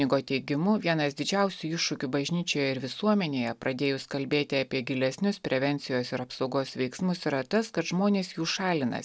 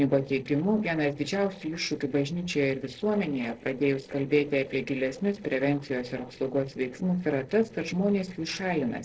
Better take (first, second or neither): first